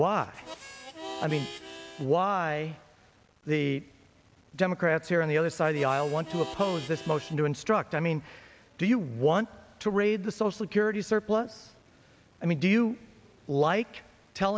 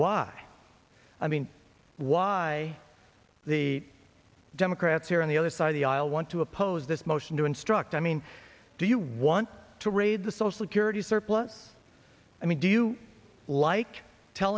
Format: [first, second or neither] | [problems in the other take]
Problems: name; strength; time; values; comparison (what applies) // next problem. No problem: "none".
second | background sound (Harmonica); 14 dB below the speech